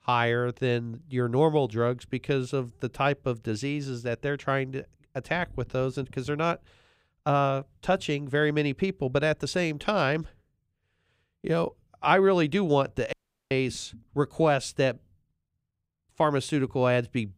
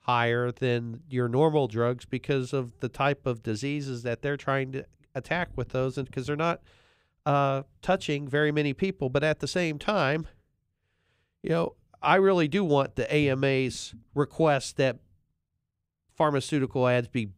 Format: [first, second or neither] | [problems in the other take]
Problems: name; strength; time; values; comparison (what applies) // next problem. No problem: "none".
second | audio cutting out; at 13 s